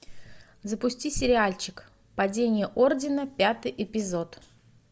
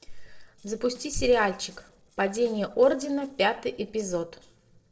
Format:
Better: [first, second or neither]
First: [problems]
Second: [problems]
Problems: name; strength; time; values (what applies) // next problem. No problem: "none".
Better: first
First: none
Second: noise reduction (neural separator model SepFormer DNS4)